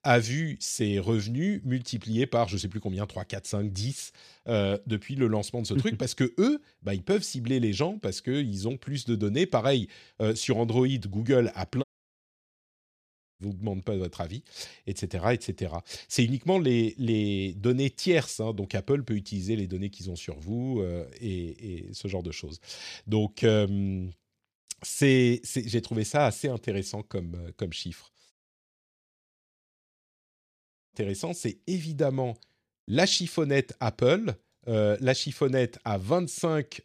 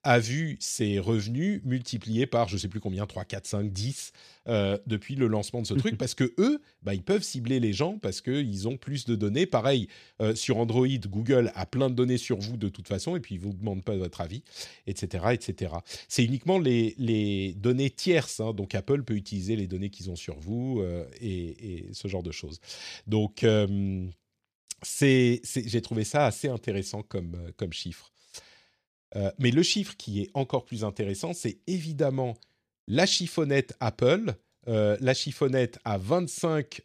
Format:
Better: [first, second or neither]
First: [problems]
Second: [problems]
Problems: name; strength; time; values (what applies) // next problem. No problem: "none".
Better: second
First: audio cutting out; at 12 s for 1.5 s and at 28 s for 2.5 s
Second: none